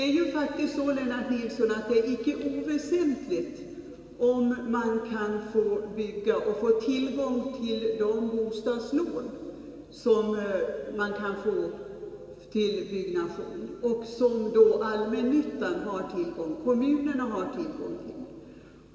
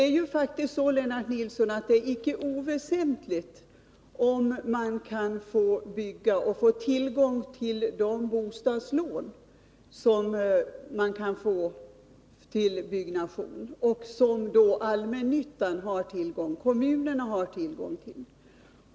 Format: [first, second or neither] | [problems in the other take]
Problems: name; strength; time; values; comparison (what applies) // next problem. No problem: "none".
second | room echo; dies away in 2.8 s